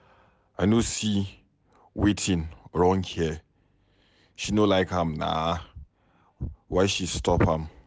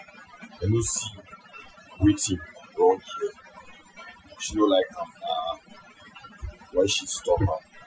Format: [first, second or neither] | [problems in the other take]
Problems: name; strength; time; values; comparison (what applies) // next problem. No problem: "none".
first | noise reduction (classical method Wiener filter)